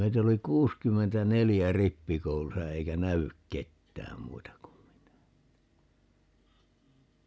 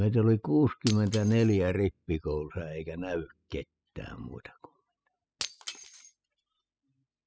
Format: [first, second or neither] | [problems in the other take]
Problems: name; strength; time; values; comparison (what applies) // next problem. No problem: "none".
first | noise reduction (classical method spectral subtraction)